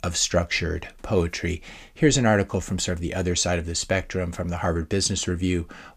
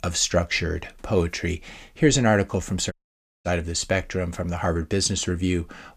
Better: first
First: none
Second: audio cutting out; at 3 s for 0.5 s

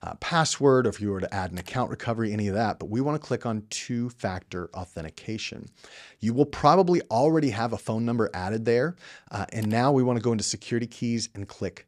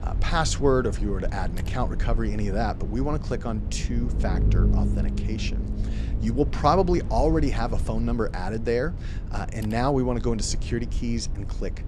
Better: first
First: none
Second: low rumble; noticeable; throughout; 15 dB below the speech

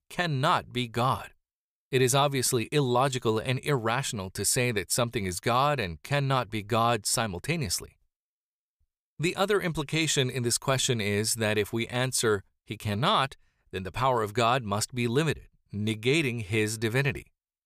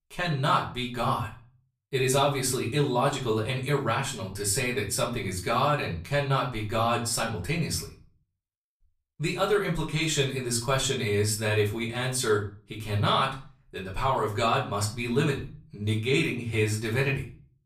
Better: first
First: none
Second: room echo; slight; dies away in 0.4 s // off-mic speech; far

